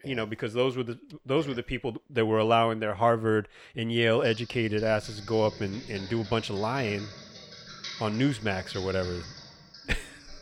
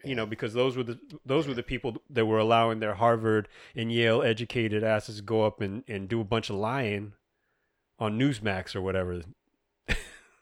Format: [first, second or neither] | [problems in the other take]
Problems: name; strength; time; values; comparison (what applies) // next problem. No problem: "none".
second | keyboard typing; noticeable; from 4 s on; peak 10 dB below the speech